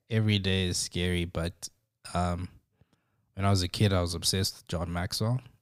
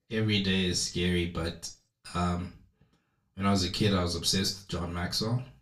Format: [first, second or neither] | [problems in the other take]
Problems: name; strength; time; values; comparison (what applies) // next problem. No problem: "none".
first | room echo; very slight; dies away in 0.3 s // off-mic speech; far